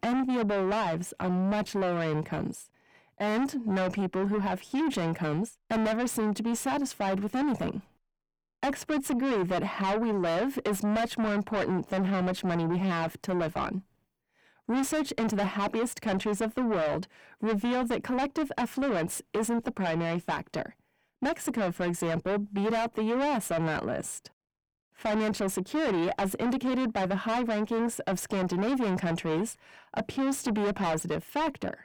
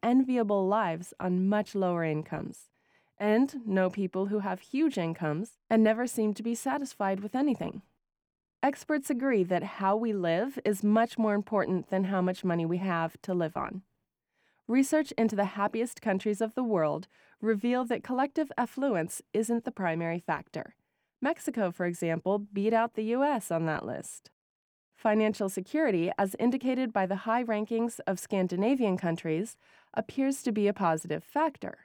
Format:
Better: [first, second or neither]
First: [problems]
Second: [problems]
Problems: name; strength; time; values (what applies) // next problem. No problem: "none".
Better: second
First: distortion; heavy; 6 dB below the speech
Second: none